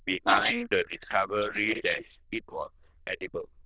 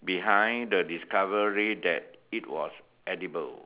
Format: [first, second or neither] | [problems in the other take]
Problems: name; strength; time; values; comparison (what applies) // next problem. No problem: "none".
second | noise reduction (neural diffusion model UNIVERSE++)